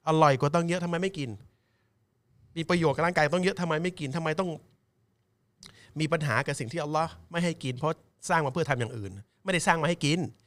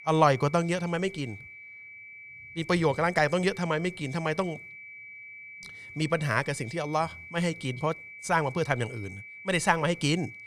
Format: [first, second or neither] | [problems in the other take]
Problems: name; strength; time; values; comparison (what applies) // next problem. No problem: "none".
first | high-pitched whine; noticeable; throughout; 2.5 kHz, 15 dB below the speech